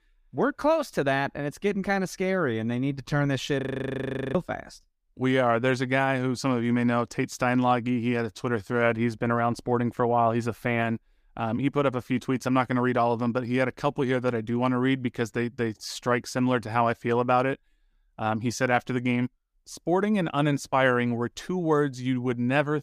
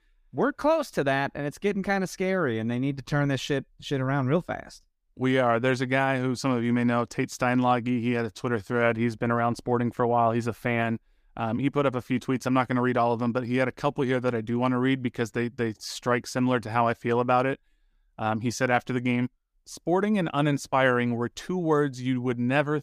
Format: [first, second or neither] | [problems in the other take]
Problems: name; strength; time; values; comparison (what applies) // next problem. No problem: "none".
second | audio freezing; at 3.5 s for 0.5 s